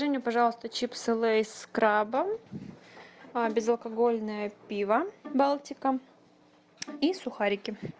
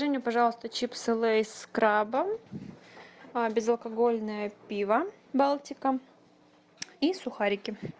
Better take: second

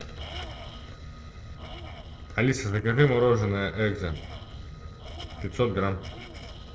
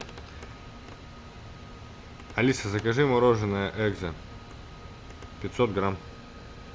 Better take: second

